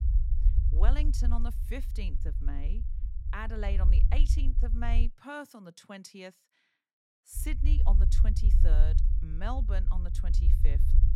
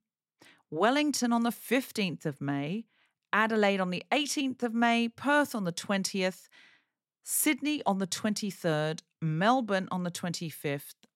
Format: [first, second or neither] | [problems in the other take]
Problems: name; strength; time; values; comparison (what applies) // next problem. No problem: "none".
second | low rumble; loud; until 5 s and from 7.5 s on; 7 dB below the speech